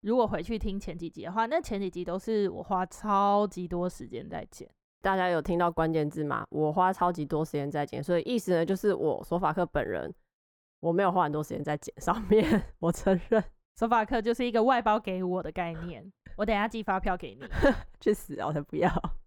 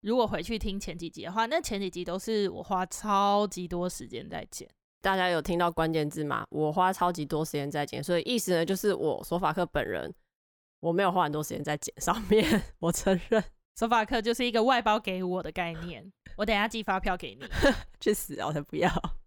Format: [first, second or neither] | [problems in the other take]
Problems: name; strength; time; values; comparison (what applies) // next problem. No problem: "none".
second | muffled; slightly; fading above 2 kHz